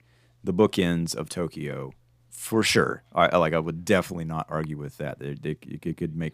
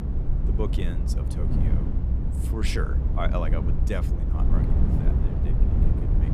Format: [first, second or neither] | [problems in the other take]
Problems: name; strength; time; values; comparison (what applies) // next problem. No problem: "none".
first | low rumble; loud; throughout; 2 dB below the speech